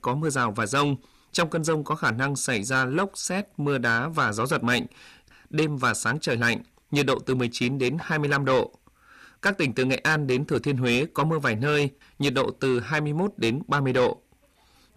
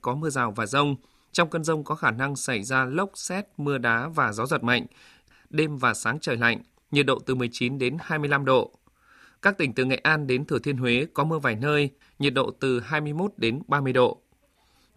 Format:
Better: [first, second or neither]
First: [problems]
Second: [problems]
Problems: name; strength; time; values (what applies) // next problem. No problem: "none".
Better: second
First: distortion; slight; 10 dB below the speech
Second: none